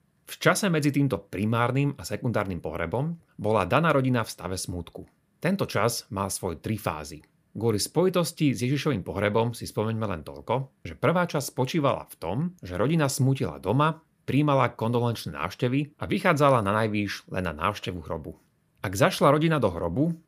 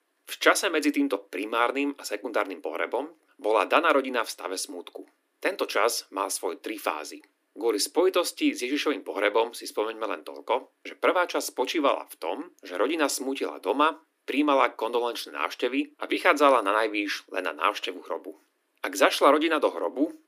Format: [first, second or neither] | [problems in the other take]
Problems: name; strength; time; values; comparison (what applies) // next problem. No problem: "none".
first | thin; somewhat; fading below 300 Hz